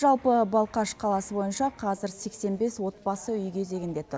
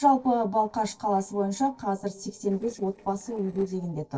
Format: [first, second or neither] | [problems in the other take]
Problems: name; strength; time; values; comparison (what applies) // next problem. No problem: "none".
first | noise reduction (neural separator model SepFormer DNS4)